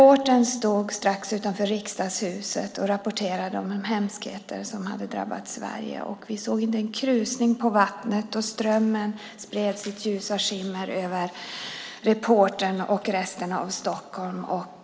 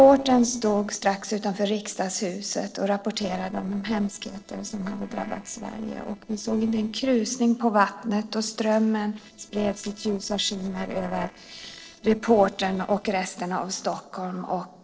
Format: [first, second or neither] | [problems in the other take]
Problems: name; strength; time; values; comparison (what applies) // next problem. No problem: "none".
first | noise reduction (neural separator model SepFormer DNS4)